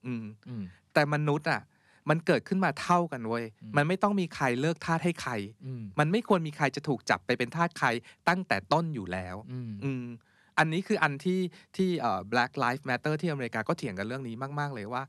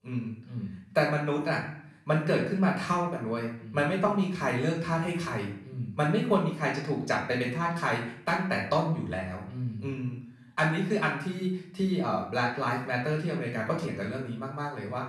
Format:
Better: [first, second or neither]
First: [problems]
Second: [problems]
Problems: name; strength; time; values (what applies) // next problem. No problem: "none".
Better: first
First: none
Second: off-mic speech; far // room echo; noticeable; dies away in 0.5 s